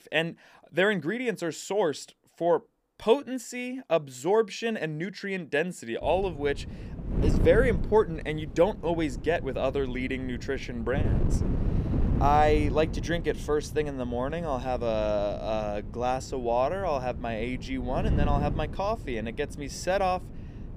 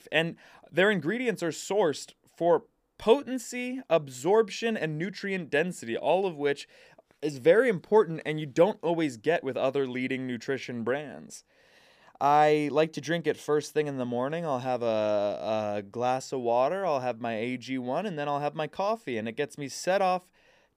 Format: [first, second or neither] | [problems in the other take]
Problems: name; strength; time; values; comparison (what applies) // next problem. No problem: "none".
second | wind noise on the microphone; occasional gusts; from 6 s on; 15 dB below the speech